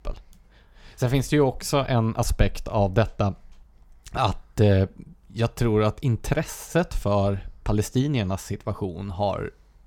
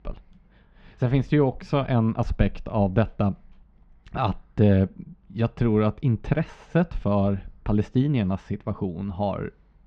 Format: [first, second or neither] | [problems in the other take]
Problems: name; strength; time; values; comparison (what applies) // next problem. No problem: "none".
first | muffled; slightly; fading above 3 kHz